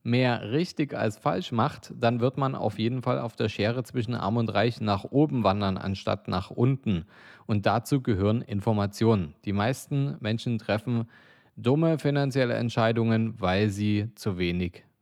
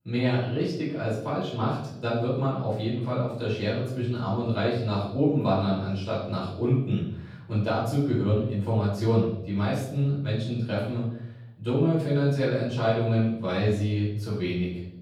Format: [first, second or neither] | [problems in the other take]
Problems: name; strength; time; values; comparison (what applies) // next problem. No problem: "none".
first | off-mic speech; far // room echo; noticeable; dies away in 0.7 s